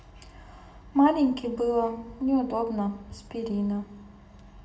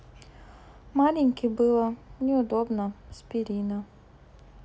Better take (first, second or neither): second